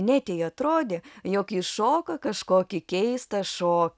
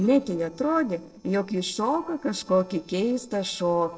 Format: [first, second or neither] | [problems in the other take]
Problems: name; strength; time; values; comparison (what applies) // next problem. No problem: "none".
first | noise reduction (neural separator model SepFormer DNS4)